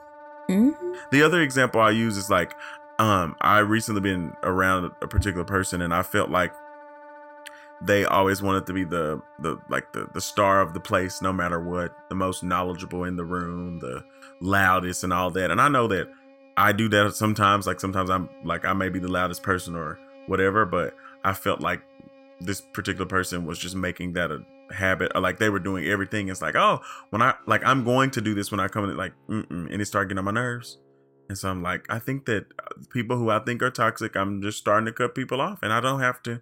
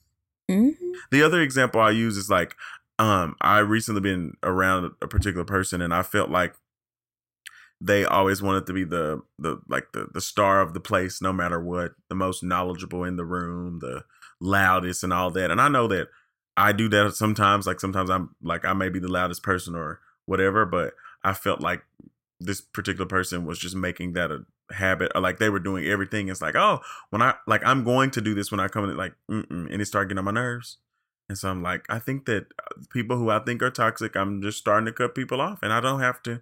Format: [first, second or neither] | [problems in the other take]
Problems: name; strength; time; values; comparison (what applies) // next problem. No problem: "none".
second | background music; faint; throughout; 25 dB below the speech